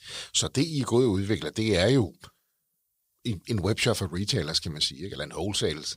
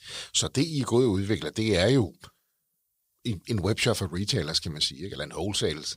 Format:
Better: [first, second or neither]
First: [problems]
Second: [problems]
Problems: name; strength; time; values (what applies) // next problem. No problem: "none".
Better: neither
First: none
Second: none